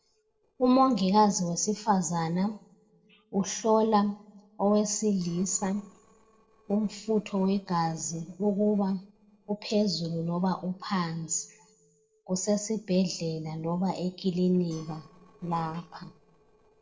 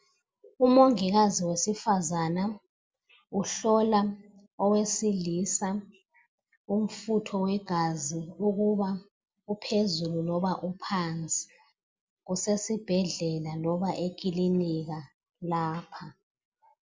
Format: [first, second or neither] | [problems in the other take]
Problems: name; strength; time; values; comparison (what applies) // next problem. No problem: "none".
second | noise reduction (neural separator model SepFormer DNS4)